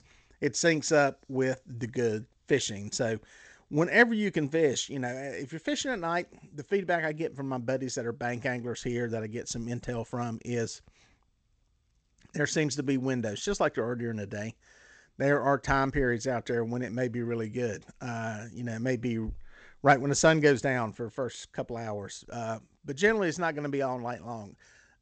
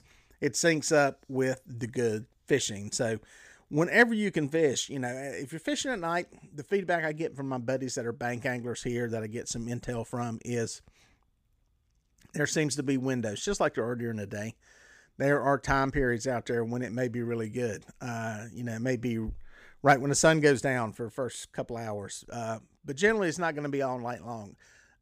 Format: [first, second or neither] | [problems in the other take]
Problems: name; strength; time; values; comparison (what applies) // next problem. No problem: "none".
second | garbled, watery; slightly; nothing above 7.5 kHz